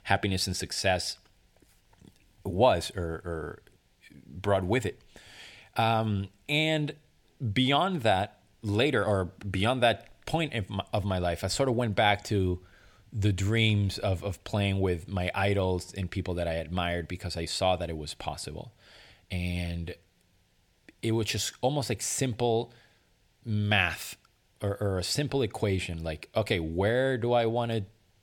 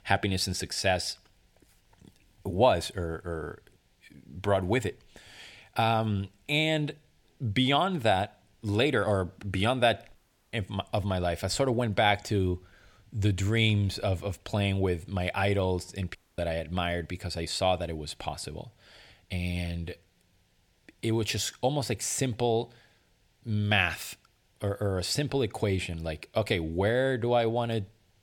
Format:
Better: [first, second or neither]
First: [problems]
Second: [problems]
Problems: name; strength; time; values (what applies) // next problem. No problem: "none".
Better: first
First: none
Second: audio cutting out; at 10 s and at 16 s